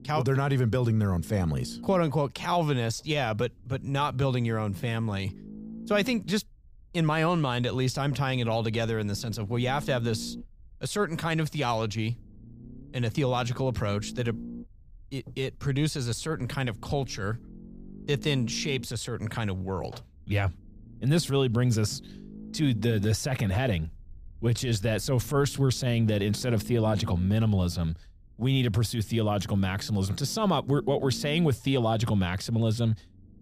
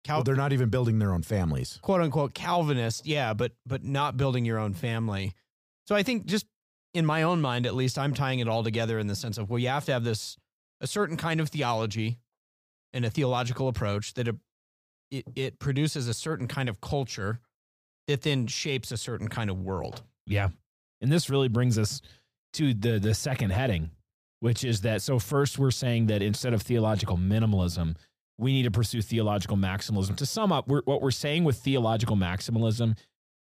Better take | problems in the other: second | low rumble; noticeable; throughout; 20 dB below the speech

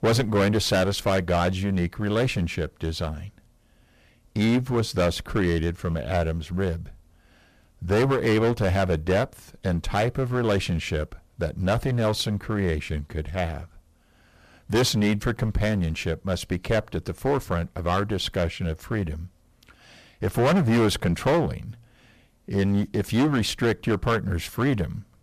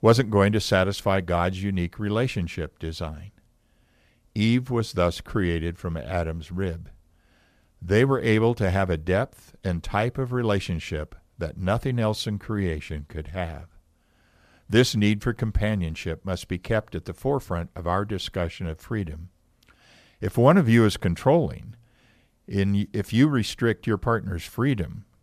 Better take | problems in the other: second | distortion; heavy; 12% of the sound clipped

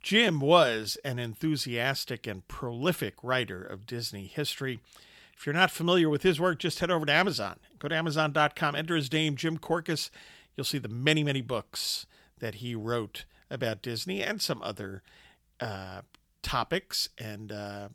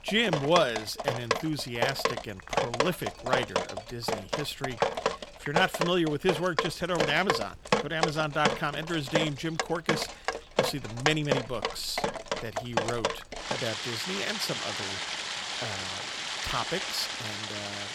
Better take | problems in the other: first | rain or running water; loud; throughout; 1 dB below the speech

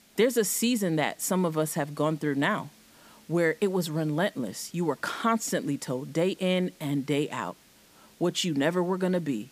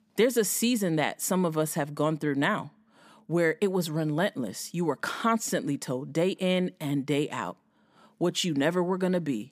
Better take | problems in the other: second | hiss; faint; throughout; 30 dB below the speech

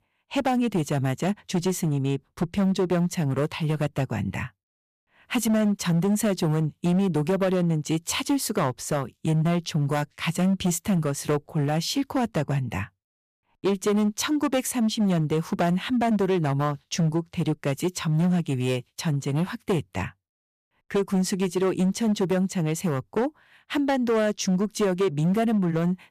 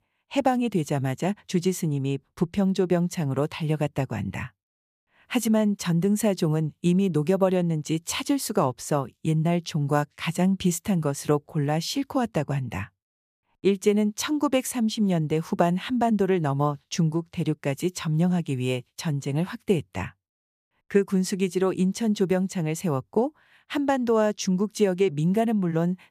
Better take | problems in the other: second | distortion; slight; 11% of the sound clipped

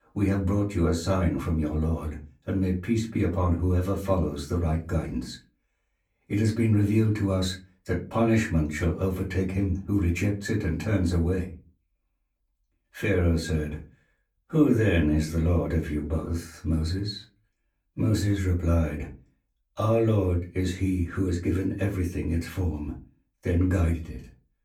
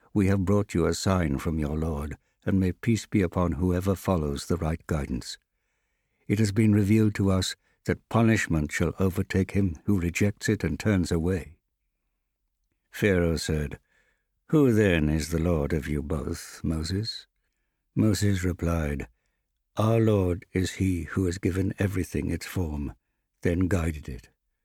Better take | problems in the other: second | off-mic speech; far // room echo; very slight; dies away in 0.3 s

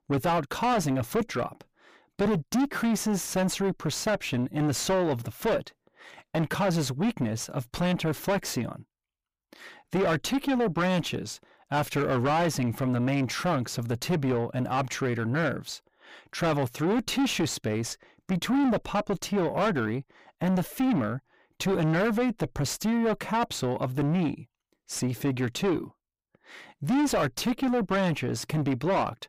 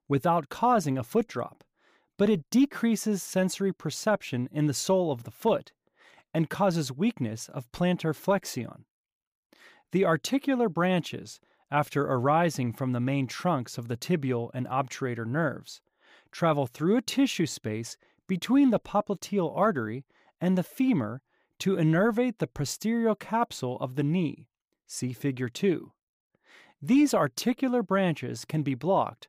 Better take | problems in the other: second | distortion; heavy; 6 dB below the speech

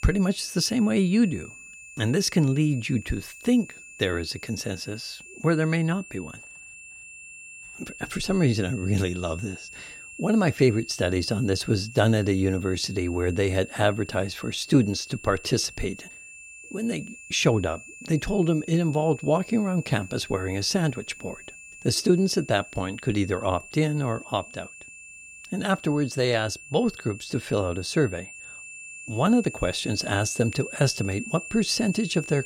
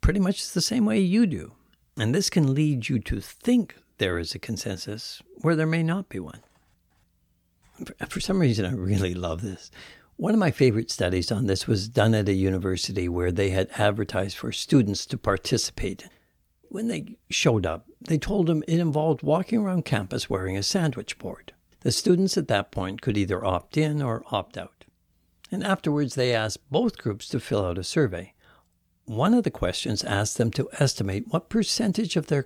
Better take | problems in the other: second | high-pitched whine; noticeable; throughout; 2.5 kHz, 15 dB below the speech

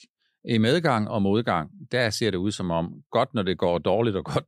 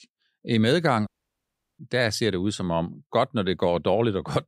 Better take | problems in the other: first | audio cutting out; at 1 s for 0.5 s

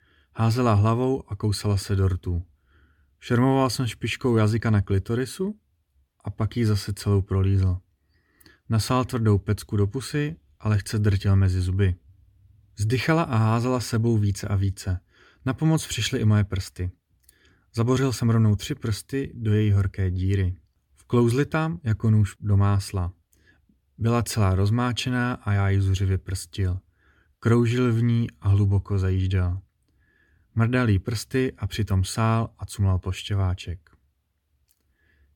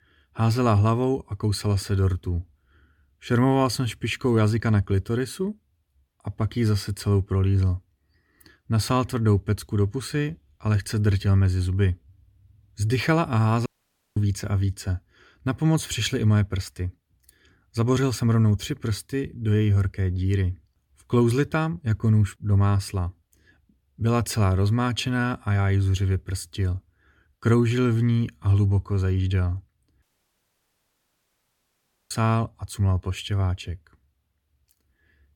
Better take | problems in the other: first | audio cutting out; at 14 s for 0.5 s and at 30 s for 2 s

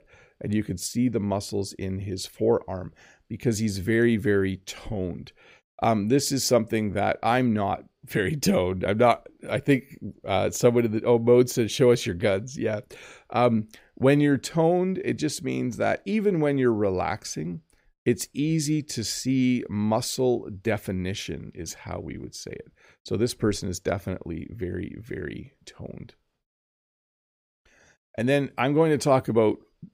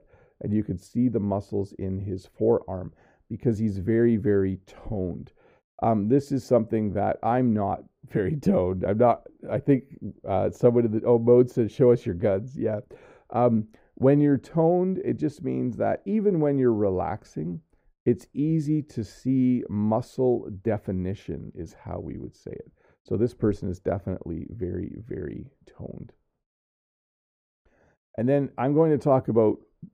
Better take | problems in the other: first | muffled; very; fading above 1.5 kHz

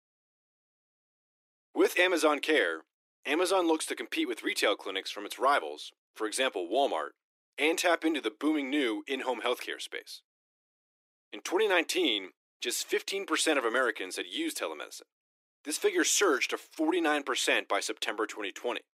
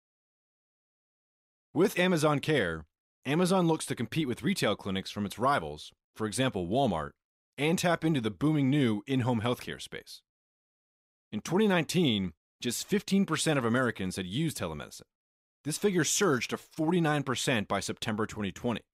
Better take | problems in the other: second | thin; somewhat; fading below 300 Hz

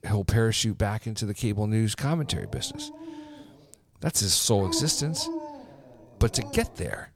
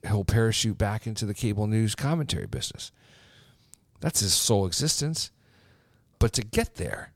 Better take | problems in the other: second | dog barking; noticeable; from 2.5 s on; peak 7 dB below the speech

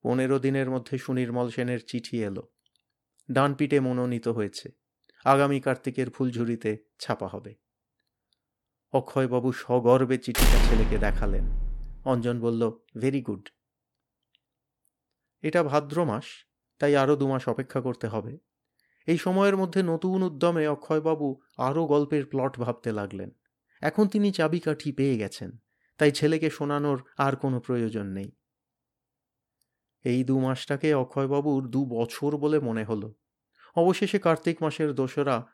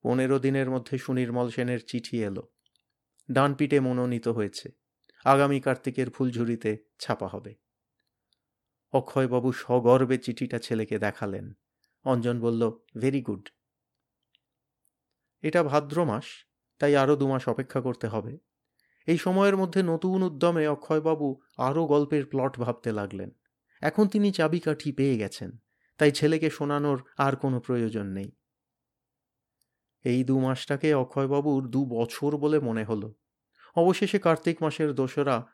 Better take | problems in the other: second | door banging; loud; from 10 to 12 s; peak 4 dB above the speech

